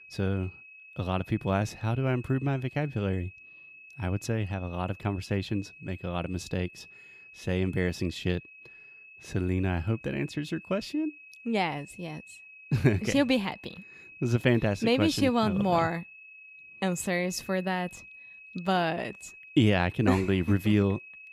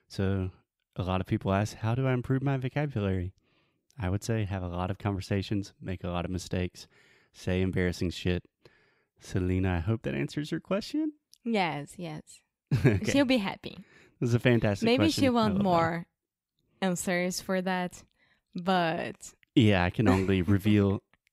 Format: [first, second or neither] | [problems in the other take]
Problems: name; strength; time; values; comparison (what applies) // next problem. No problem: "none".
second | high-pitched whine; noticeable; throughout; 2.5 kHz, 20 dB below the speech